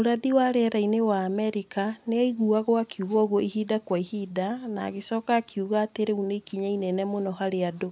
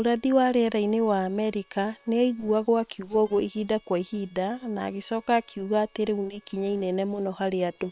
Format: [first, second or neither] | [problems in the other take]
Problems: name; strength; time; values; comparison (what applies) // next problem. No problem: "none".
first | noise reduction (neural separator model SepFormer WHAM!)